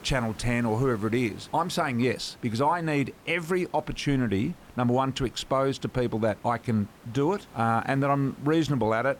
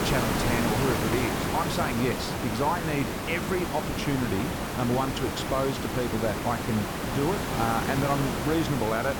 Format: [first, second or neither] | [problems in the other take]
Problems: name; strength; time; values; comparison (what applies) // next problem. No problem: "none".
first | hiss; loud; throughout; as loud as the speech; faint in the first